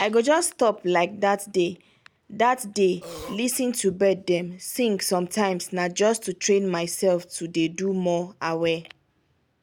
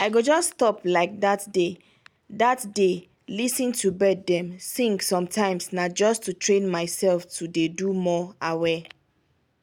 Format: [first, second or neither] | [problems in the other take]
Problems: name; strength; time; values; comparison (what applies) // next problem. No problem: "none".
second | background sound (Burping, eructation); 14 dB below the speech